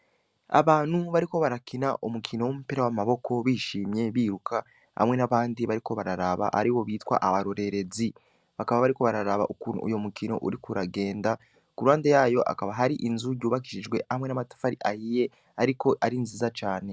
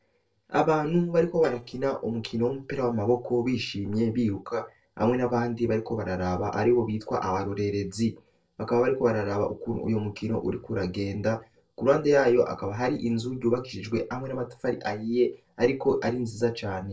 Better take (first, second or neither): first